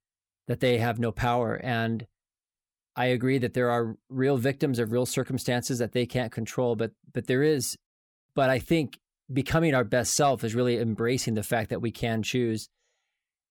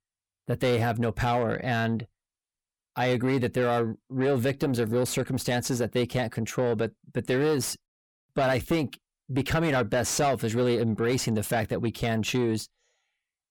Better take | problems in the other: first | distortion; slight; 10 dB below the speech

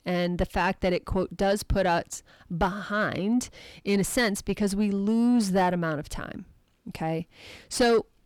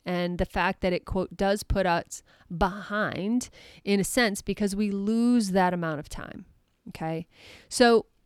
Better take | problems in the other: second | distortion; slight; 10 dB below the speech

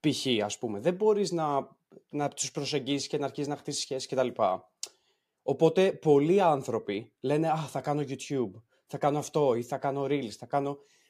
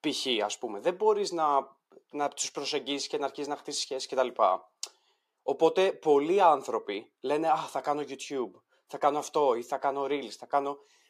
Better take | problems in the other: first | thin; somewhat; fading below 400 Hz

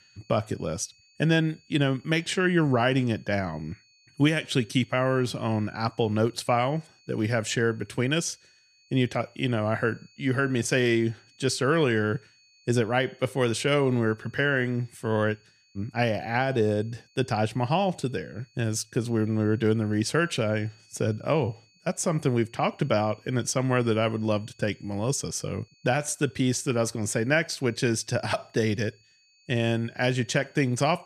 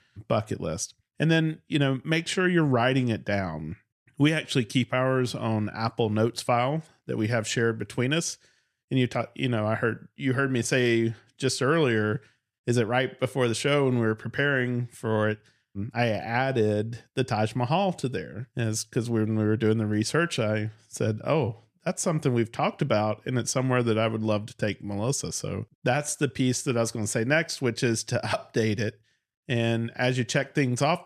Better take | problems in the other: second | high-pitched whine; faint; throughout; 4.5 kHz, 30 dB below the speech

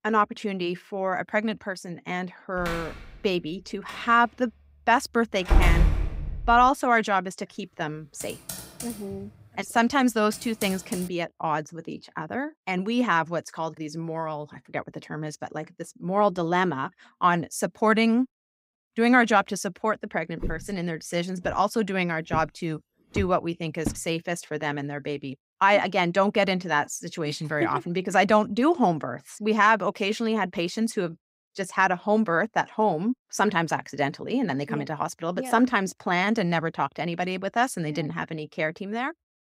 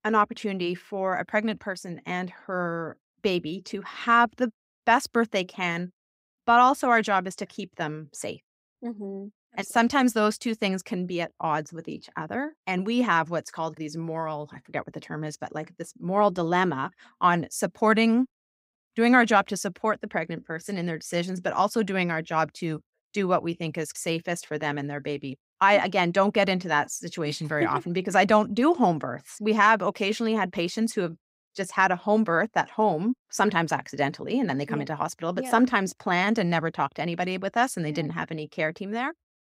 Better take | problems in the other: second | door banging; loud; from 5.5 to 6.5 s; peak 4 dB above the speech // keyboard typing; faint; from 8 to 11 s; peak 10 dB below the speech // footsteps; noticeable; from 20 to 24 s; peak 8 dB below the speech

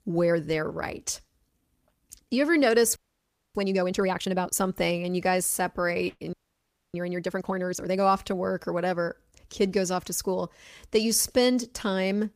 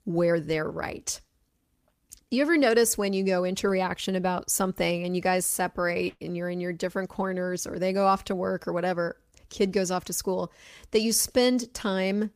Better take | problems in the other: second | audio freezing; at 3 s for 0.5 s and at 6.5 s for 0.5 s

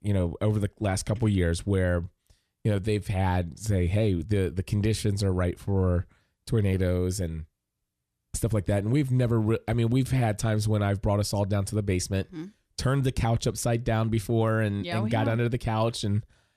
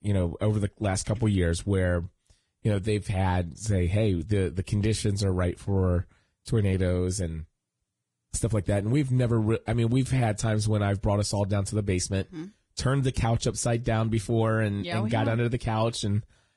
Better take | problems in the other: first | garbled, watery; badly; nothing above 10 kHz

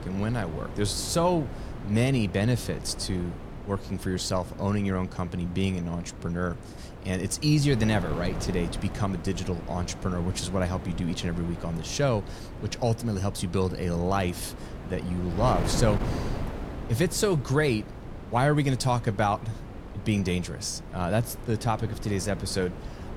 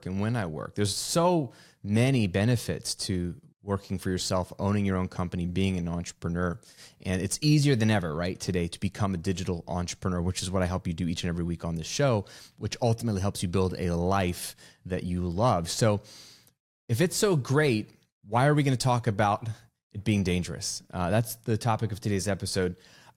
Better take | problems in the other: second | wind noise on the microphone; occasional gusts; 10 dB below the speech

